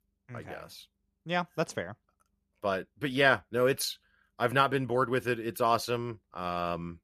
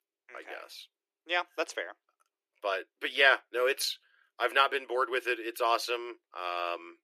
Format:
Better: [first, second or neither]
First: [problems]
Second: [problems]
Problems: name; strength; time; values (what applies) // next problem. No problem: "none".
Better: first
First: none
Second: thin; very; fading below 350 Hz